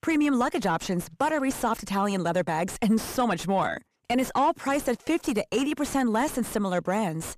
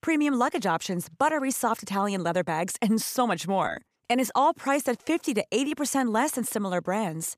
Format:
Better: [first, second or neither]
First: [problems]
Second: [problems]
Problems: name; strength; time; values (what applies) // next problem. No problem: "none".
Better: second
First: distortion; slight; 10 dB below the speech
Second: none